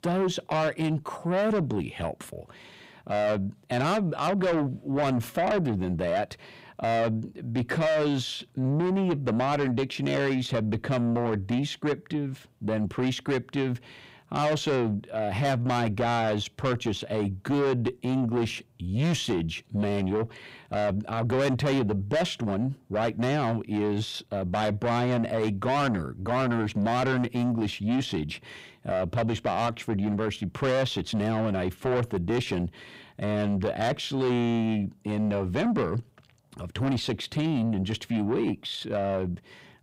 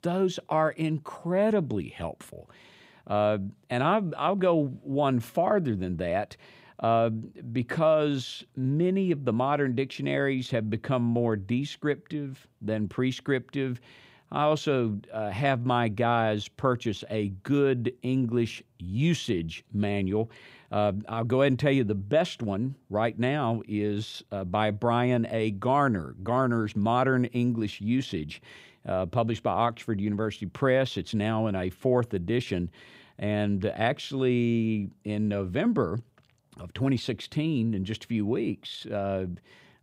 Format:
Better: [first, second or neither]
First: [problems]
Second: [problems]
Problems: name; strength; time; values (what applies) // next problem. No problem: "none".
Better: second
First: distortion; heavy; 8 dB below the speech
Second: none